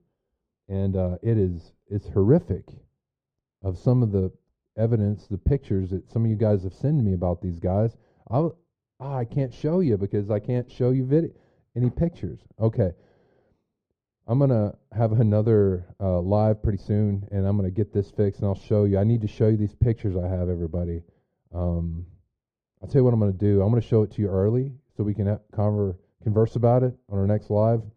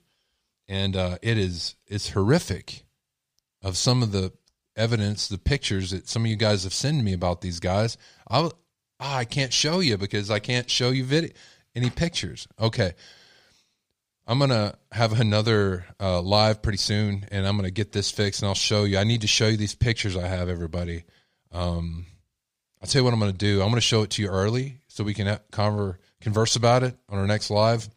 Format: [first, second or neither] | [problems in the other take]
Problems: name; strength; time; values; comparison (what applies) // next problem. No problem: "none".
second | muffled; very; fading above 1.5 kHz